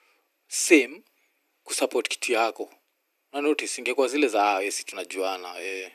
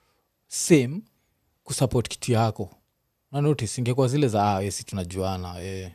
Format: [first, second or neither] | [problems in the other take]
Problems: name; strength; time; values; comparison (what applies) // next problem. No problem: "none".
second | thin; somewhat; fading below 300 Hz